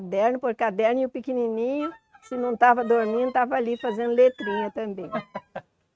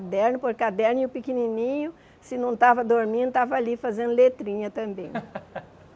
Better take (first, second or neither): second